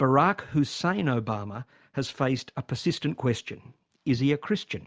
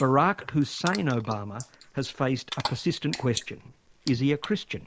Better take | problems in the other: first | noise reduction (neural mask model Resemble Enhance denoiser)

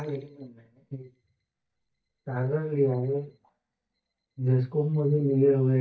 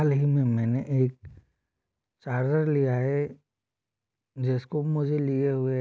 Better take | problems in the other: second | noise reduction (neural mask model DeepFilterNet 3)

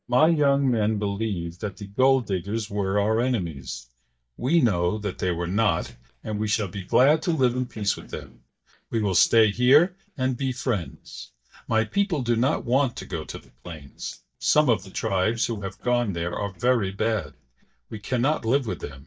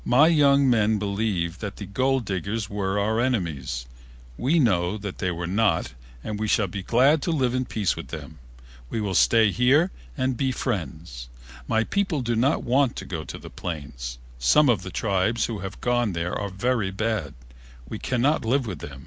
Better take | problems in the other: second | noise reduction (neural mask model DeepFilterNet 3)

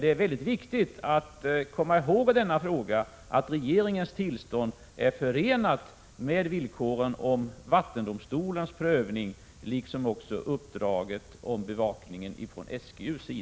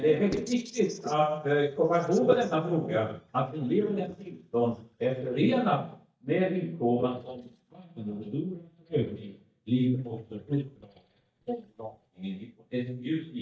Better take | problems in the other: first | noise reduction (neural mask model DeepFilterNet 3)

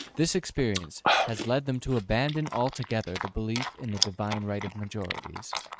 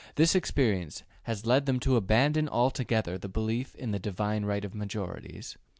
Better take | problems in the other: second | noise reduction (neural mask model RNNoise)

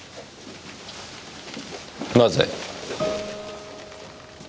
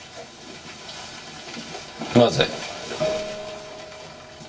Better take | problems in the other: first | room echo; dies away in 0.2 s

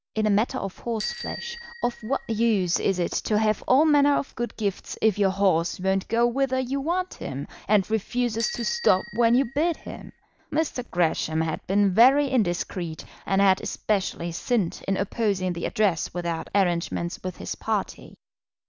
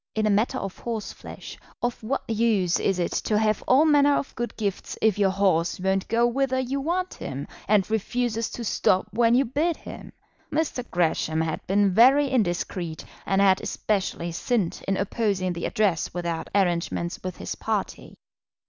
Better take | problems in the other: second | background sound (Bicycle bell); 16 dB below the speech

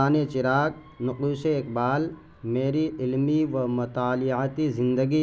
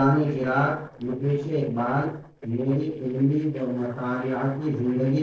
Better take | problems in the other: first | noise reduction (neural separator model SepFormer DNS4)

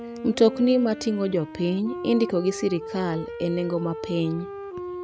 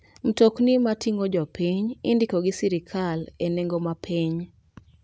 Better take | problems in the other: second | background sound (Wind instrument, woodwind instrument); 11 dB below the speech

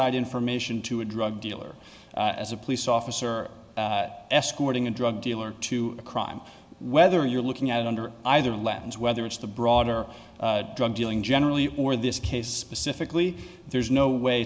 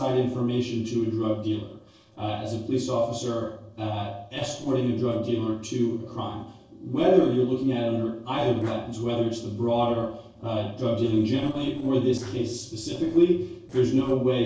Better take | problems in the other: first | noise reduction (neural separator model SepFormer DNS4)

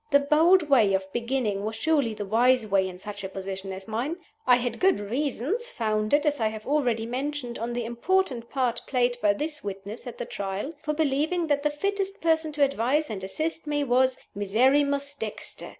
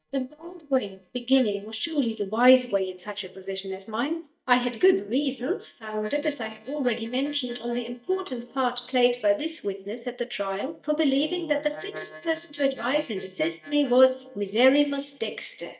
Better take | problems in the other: first | noise reduction (neural mask model DeepFilterNet 3)

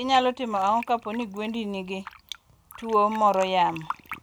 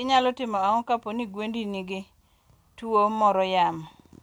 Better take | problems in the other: second | background sound (Fill (with liquid)); 17 dB below the speech

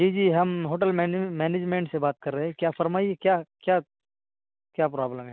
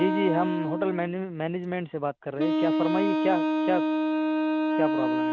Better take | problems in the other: first | background sound (Wind instrument, woodwind instrument); 3 dB above the speech

